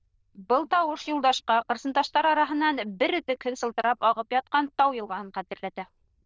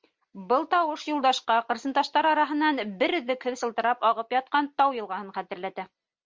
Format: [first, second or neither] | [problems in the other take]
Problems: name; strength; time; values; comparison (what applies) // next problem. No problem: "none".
second | noise reduction (neural diffusion model UNIVERSE++)